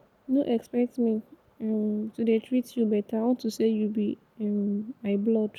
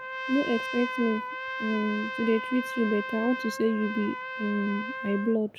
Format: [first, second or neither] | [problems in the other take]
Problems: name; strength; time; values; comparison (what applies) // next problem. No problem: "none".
first | background sound (Trumpet); 6 dB below the speech